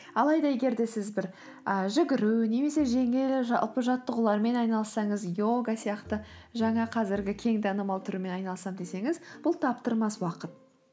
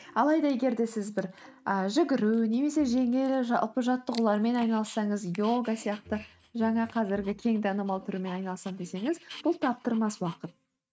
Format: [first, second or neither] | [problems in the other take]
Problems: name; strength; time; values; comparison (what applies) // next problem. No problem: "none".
first | noise reduction (neural mask model RNNoise)